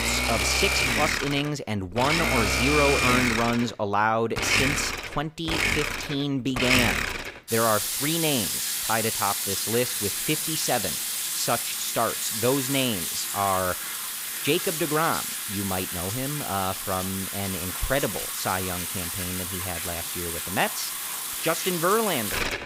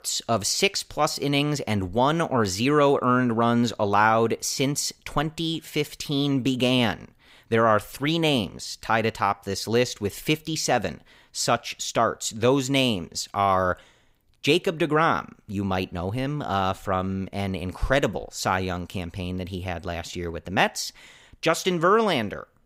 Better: second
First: household noises; very loud; throughout; 1 dB above the speech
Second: none

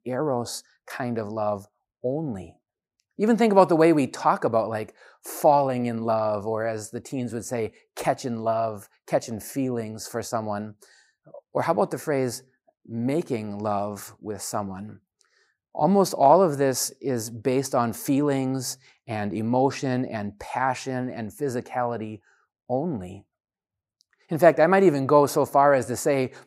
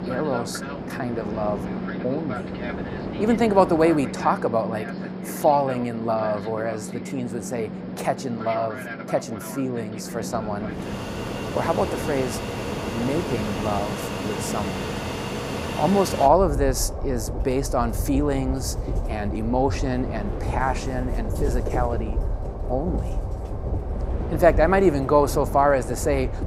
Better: first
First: none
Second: train or aircraft noise; loud; throughout; 6 dB below the speech

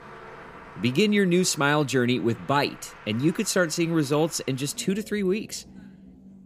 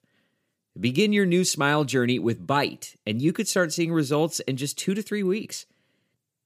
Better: second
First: traffic noise; faint; throughout; 20 dB below the speech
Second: none

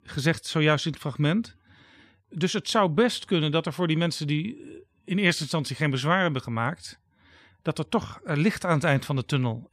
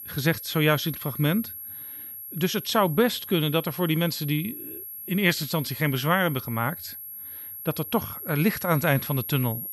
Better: first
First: none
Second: high-pitched whine; loud; throughout; 11.5 kHz, 10 dB below the speech

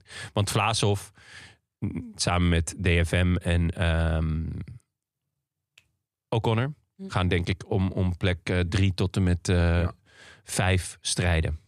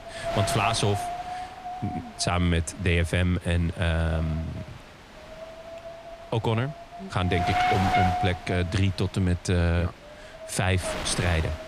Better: first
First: none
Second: wind noise on the microphone; heavy; as loud as the speech

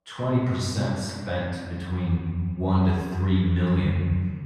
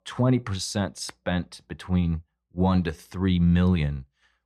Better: second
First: room echo; strong; dies away in 1.8 s // off-mic speech; far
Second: none

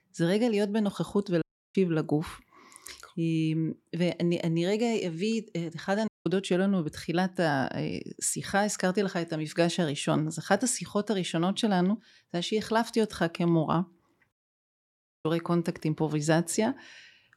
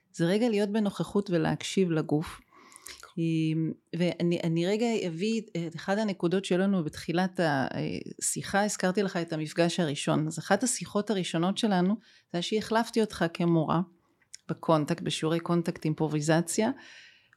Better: second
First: audio cutting out; at 1.5 s, at 6 s and at 14 s for 1 s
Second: none

